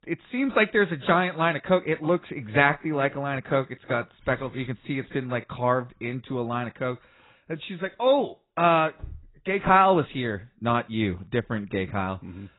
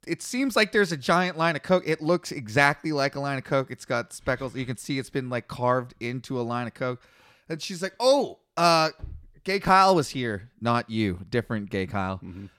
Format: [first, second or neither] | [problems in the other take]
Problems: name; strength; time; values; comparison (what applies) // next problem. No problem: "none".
second | garbled, watery; badly; nothing above 4 kHz